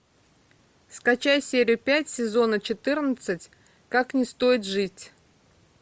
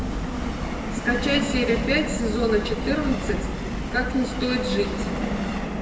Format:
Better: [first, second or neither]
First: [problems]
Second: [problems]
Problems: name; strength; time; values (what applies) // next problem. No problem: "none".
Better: first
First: none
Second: background sound (Subway, metro, underground); 1 dB below the speech // room echo; dies away in 1.2 s